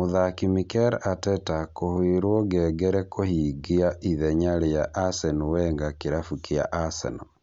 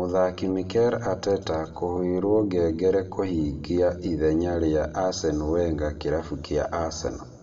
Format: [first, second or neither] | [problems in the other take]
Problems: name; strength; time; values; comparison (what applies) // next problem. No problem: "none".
first | room echo; dies away in 1.4 s